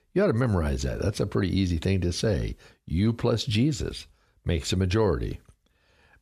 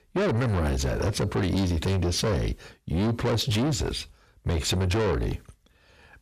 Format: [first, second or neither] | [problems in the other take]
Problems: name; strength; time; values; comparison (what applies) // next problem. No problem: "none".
first | distortion; heavy; 7 dB below the speech